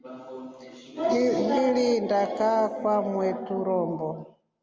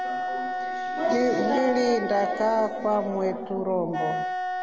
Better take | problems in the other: first | background sound (Wind instrument, woodwind instrument); 5 dB below the speech

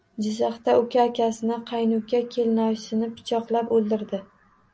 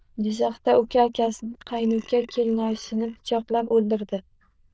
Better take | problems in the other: first | noise reduction (neural diffusion model UNIVERSE++)

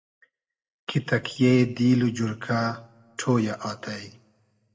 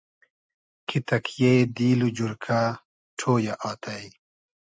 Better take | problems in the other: second | room echo; dies away in 0.6 s

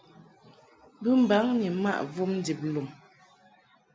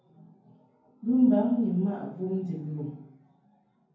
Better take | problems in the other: first | room echo; dies away in 0.9 s

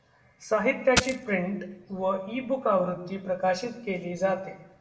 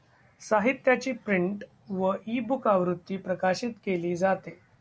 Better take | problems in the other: second | background sound (Coin (dropping)); 1 dB above the speech // room echo; dies away in 0.6 s

